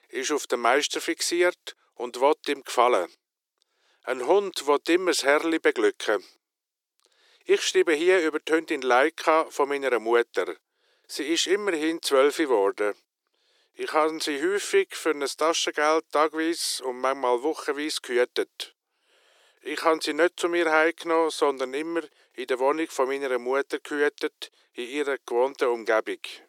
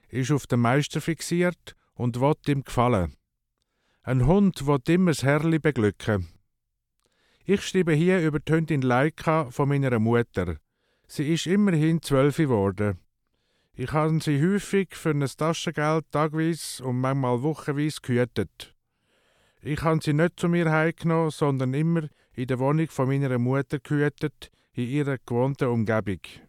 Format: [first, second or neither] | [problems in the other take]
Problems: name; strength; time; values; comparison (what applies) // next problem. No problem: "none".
second | thin; very; fading below 350 Hz